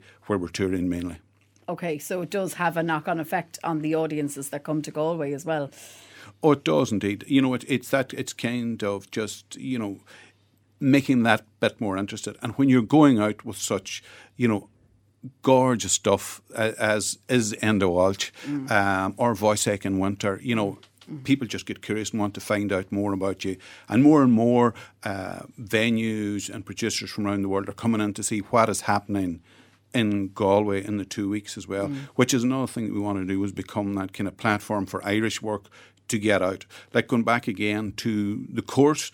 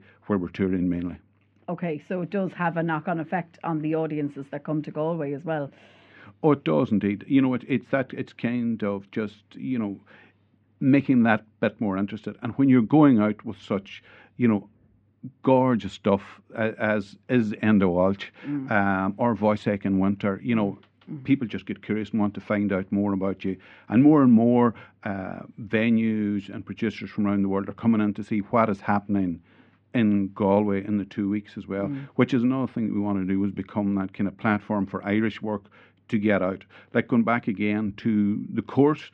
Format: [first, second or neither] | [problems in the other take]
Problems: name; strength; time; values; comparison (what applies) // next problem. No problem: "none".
first | muffled; very; fading above 2.5 kHz